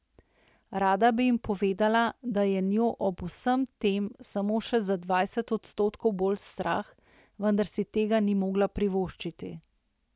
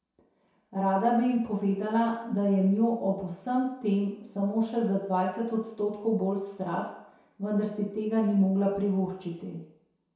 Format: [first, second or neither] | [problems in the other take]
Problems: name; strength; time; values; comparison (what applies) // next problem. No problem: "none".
first | room echo; dies away in 0.7 s